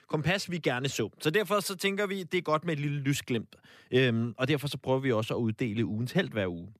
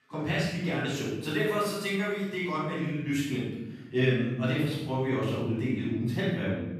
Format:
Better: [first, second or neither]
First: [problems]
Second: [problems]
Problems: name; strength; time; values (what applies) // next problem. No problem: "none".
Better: first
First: none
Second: off-mic speech; far // room echo; strong; dies away in 0.9 s